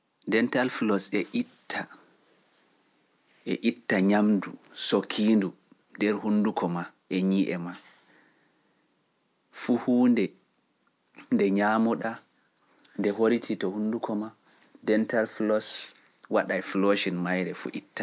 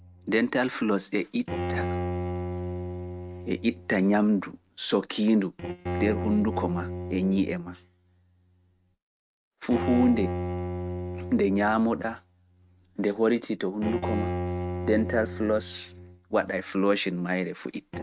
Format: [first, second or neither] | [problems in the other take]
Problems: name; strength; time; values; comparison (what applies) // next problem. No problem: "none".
first | noise reduction (neural mask model RNNoise)